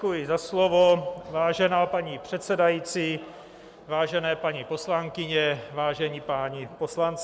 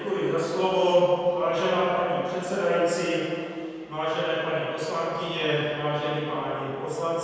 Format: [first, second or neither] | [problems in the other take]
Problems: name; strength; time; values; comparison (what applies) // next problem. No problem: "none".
first | room echo; dies away in 2 s